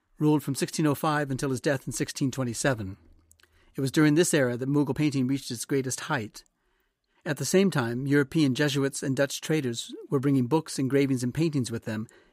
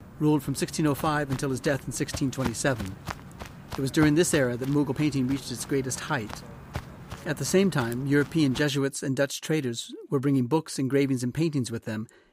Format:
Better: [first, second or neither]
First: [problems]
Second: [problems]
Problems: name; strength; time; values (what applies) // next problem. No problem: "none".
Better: first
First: none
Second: footsteps; noticeable; until 8.5 s; peak 8 dB below the speech